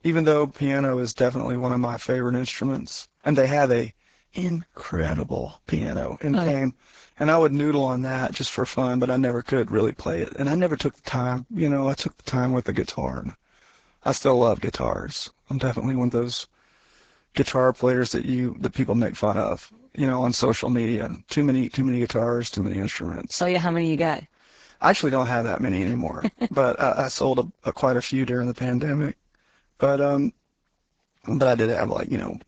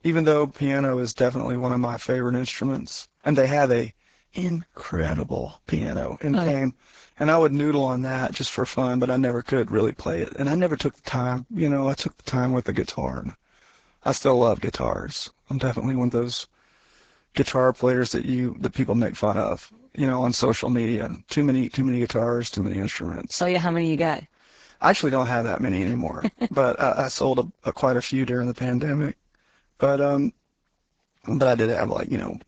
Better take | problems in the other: neither | garbled, watery; badly; nothing above 7.5 kHz; the same in both

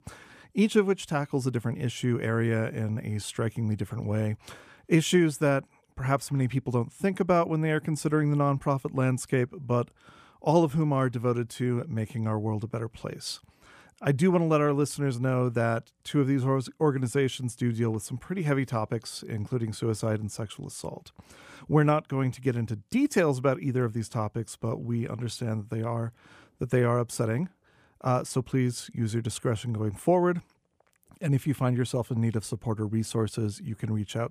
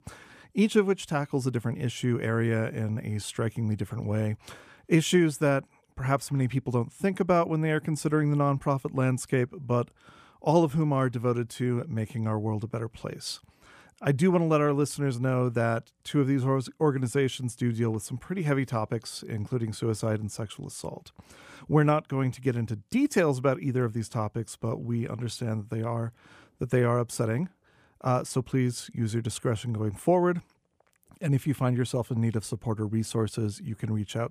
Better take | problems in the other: neither | none

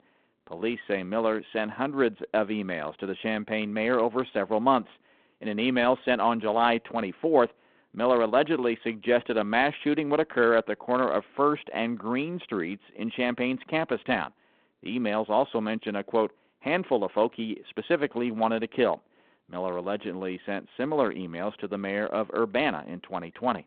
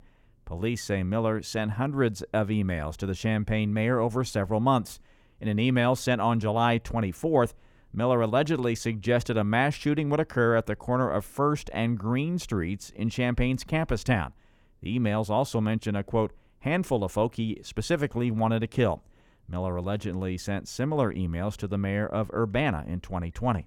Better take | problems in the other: second | phone-call audio

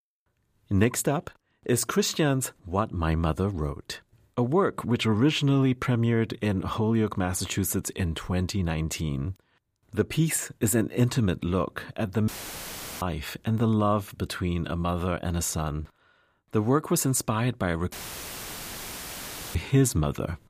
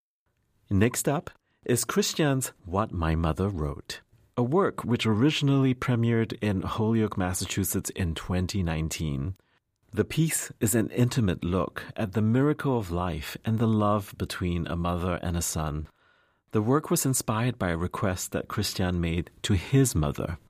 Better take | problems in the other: second | audio cutting out; filled with static; at 12 s for 0.5 s and at 18 s for 1.5 s

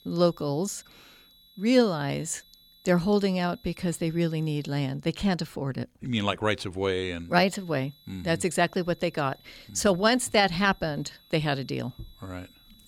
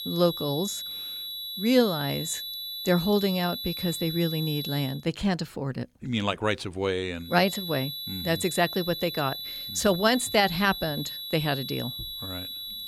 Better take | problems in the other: first | high-pitched whine; loud; until 5 s and from 7.5 s on; 4 kHz, 6 dB below the speech; faint in the first

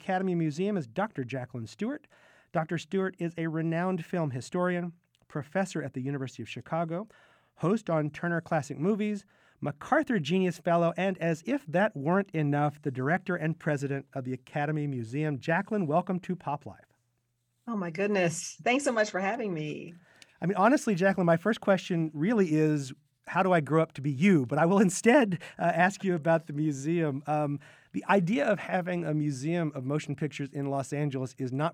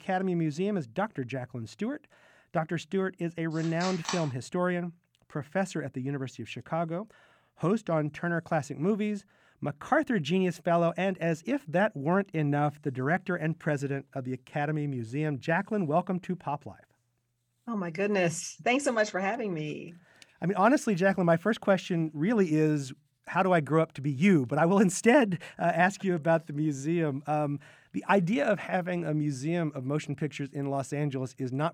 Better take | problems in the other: first | phone ringing; noticeable; at 3.5 s; peak 6 dB below the speech

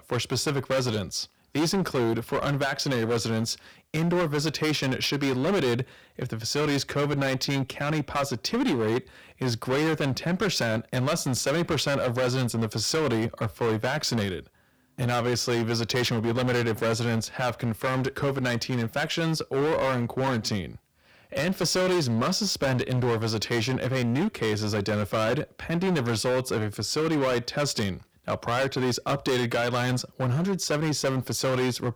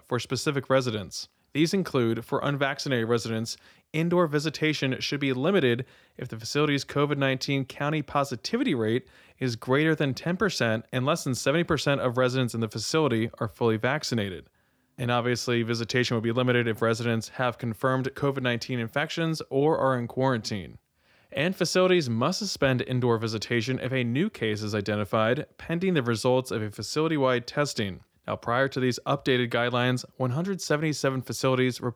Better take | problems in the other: second | distortion; heavy; 18% of the sound clipped

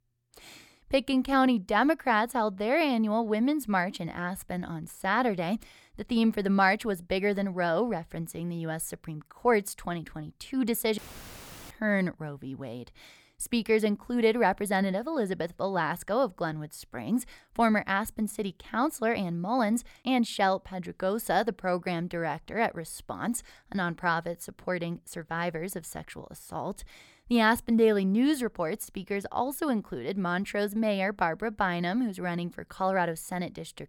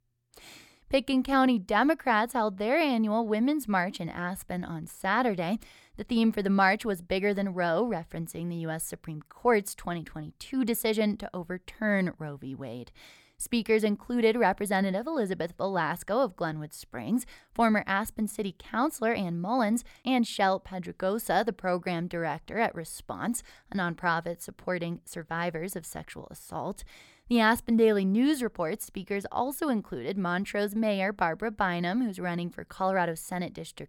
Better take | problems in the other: second | audio cutting out; filled with static; at 11 s for 0.5 s

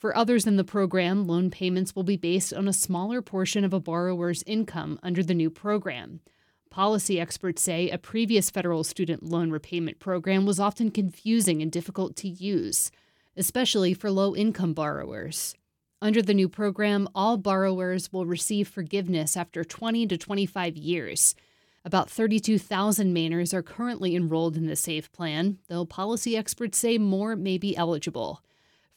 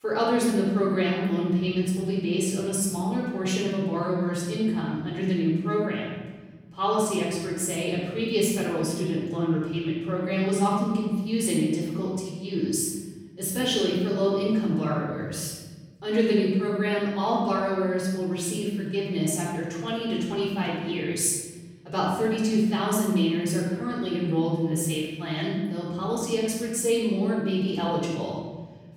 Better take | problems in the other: first | room echo; noticeable; dies away in 1.5 s // off-mic speech; far

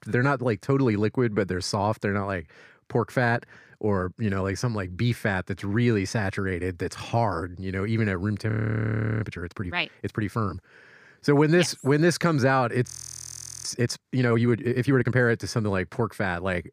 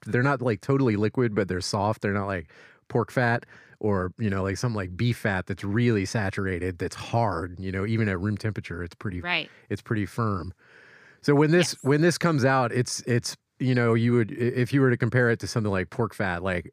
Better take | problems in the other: second | audio freezing; at 8.5 s for 0.5 s and at 13 s for 1 s

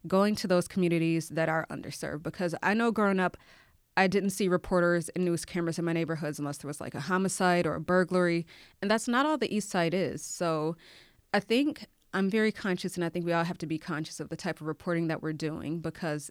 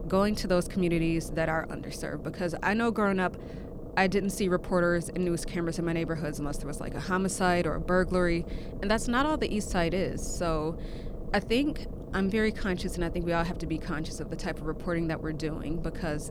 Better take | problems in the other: first | low rumble; noticeable; throughout; 15 dB below the speech

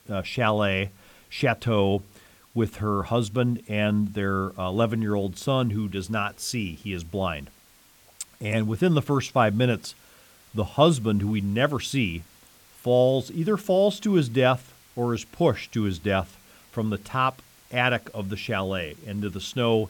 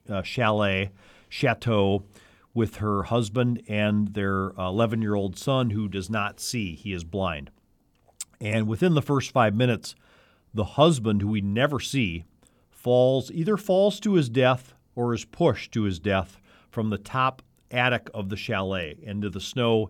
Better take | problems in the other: second | hiss; faint; throughout; 30 dB below the speech

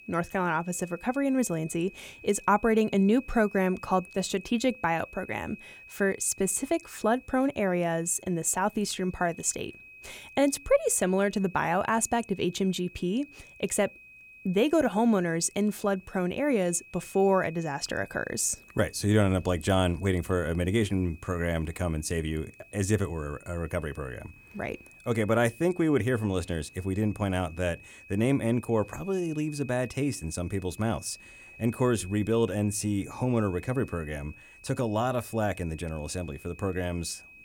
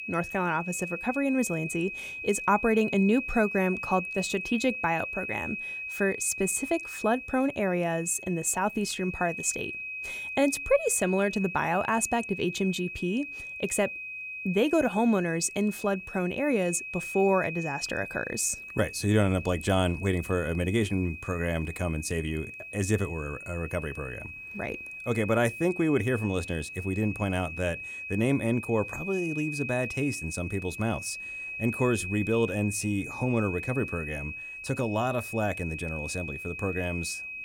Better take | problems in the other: first | high-pitched whine; loud; throughout; 2.5 kHz, 8 dB below the speech; faint in the first

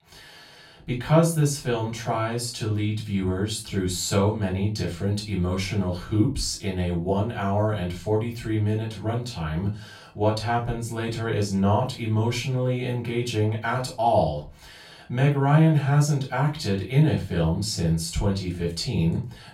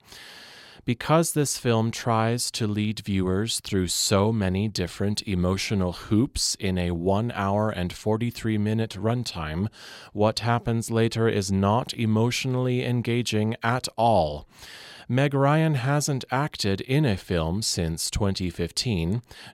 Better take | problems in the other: second | off-mic speech; far // room echo; slight; dies away in 0.3 s

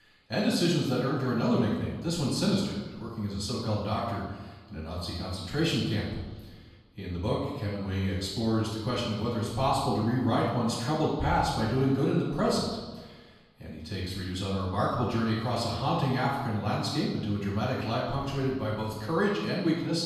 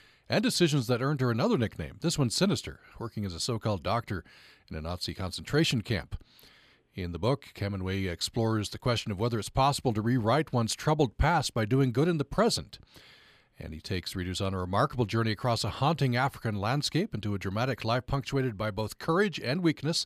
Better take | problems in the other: second | off-mic speech; far // room echo; noticeable; dies away in 1.1 s

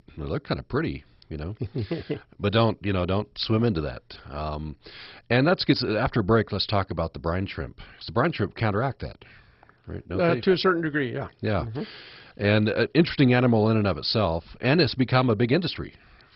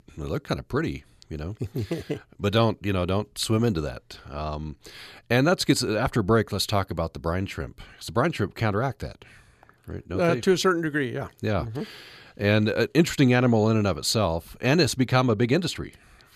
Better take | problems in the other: second | garbled, watery; badly; nothing above 5 kHz

